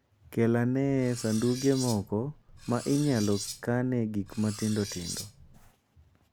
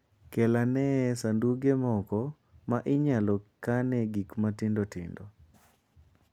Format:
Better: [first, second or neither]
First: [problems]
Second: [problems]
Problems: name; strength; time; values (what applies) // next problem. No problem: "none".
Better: second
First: background sound (Cutlery, silverware); 13 dB below the speech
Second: none